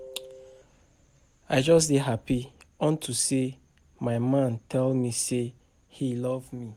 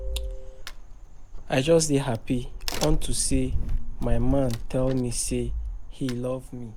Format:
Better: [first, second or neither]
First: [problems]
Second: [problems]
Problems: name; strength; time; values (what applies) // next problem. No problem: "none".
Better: first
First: none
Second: background sound (Crack); as loud as the speech